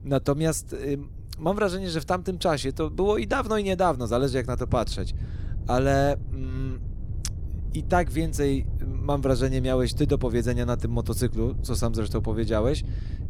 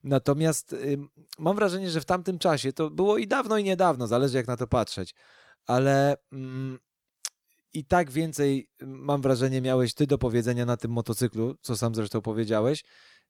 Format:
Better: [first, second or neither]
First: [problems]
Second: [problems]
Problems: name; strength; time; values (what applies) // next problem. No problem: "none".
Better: second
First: wind noise on the microphone; occasional gusts; 20 dB below the speech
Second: none